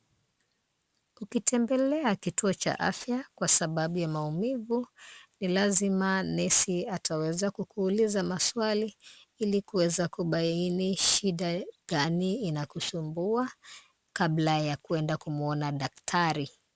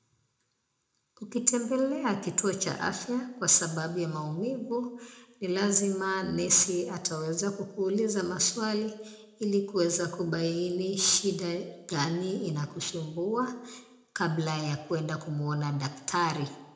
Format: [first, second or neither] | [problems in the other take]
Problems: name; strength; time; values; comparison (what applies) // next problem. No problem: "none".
first | room echo; dies away in 0.6 s